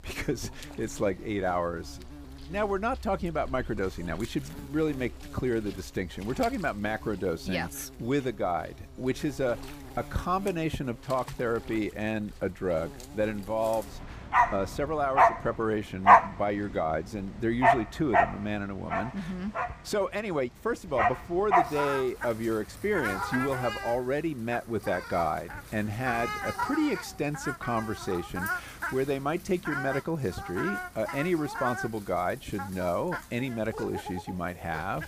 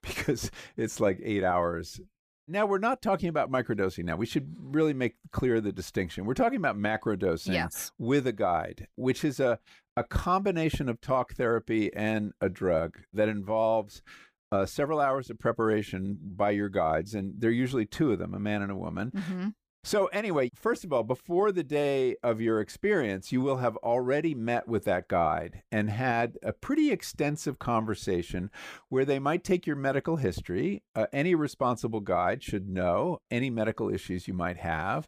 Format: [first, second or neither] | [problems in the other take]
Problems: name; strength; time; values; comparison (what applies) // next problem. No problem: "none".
second | animal sounds; very loud; throughout; 1 dB above the speech